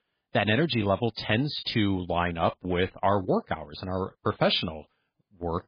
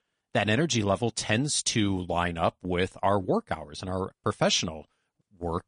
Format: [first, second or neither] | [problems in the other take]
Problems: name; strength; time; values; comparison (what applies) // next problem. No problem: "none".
second | garbled, watery; badly; slightly in the second